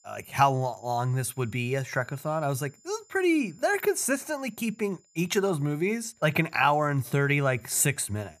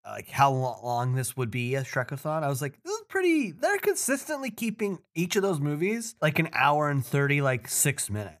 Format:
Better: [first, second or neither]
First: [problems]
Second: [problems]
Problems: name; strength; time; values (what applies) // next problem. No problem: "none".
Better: second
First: high-pitched whine; faint; throughout; 7 kHz, 30 dB below the speech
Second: none